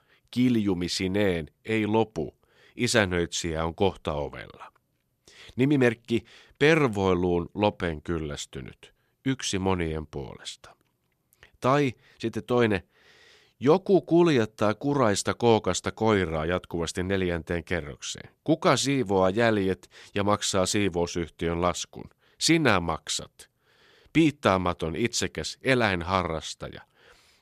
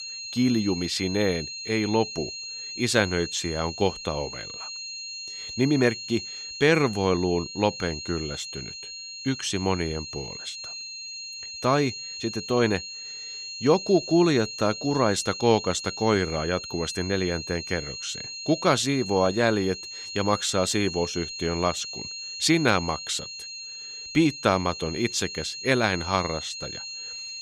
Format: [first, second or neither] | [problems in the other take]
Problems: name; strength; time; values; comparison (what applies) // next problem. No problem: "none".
first | high-pitched whine; loud; throughout; 4 kHz, 9 dB below the speech